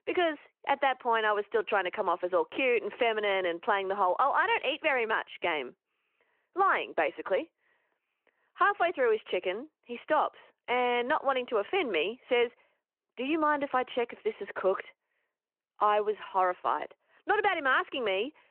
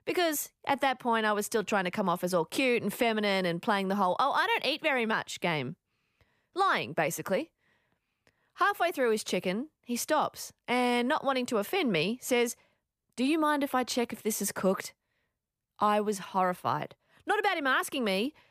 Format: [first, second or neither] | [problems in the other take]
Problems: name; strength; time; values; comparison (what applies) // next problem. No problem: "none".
second | phone-call audio